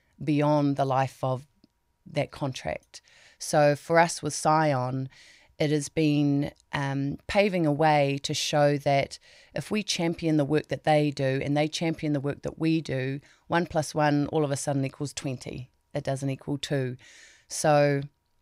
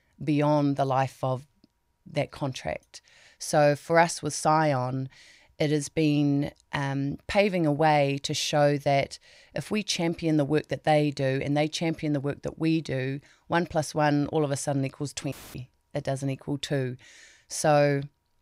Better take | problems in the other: first | audio cutting out; filled with static; at 15 s

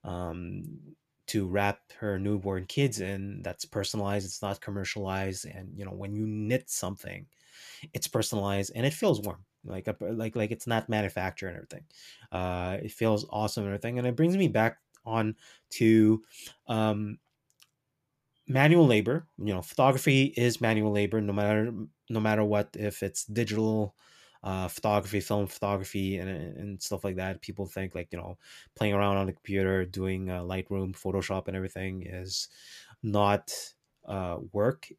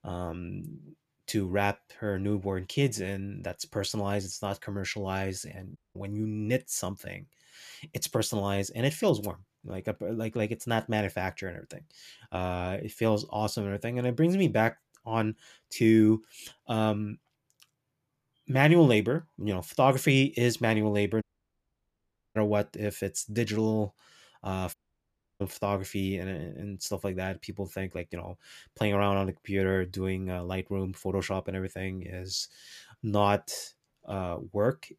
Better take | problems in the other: first | audio cutting out; at 6 s, at 21 s for 1 s and at 25 s for 0.5 s

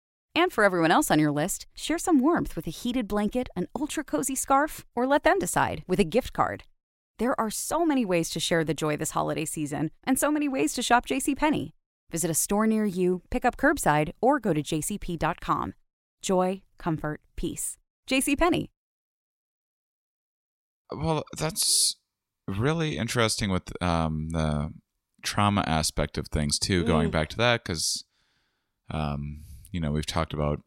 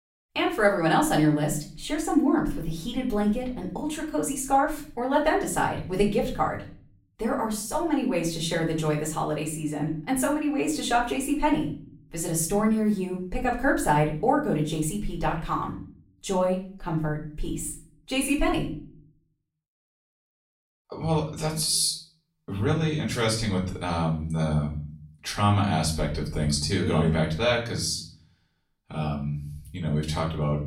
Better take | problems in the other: first | off-mic speech; far // room echo; slight; dies away in 0.5 s

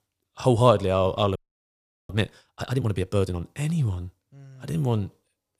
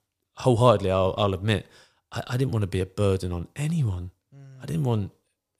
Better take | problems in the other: second | audio freezing; at 1.5 s for 0.5 s

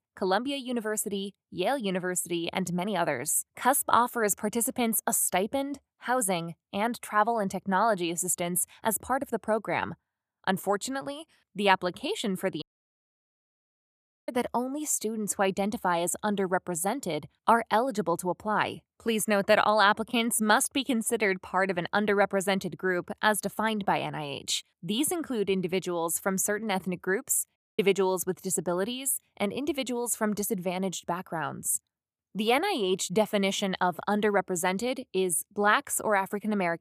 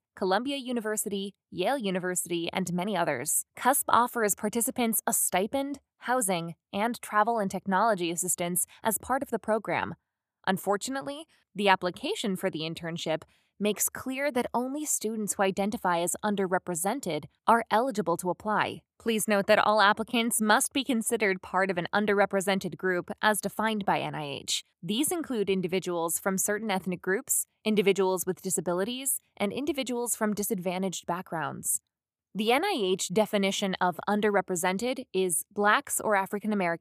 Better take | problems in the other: second | audio cutting out; at 13 s for 1.5 s and at 28 s

